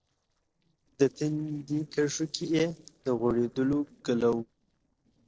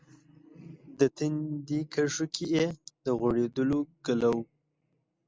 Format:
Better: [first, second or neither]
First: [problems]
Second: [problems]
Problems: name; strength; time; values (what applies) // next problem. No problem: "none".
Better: second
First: noise reduction (neural separator model SepFormer DNS4)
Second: none